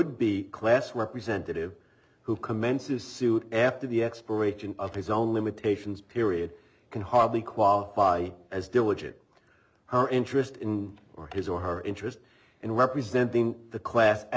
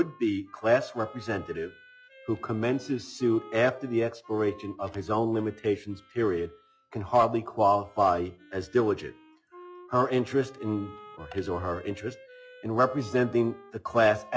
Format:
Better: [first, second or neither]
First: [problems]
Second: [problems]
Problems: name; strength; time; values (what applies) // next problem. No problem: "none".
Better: first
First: none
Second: noise reduction (classical method log-MMSE)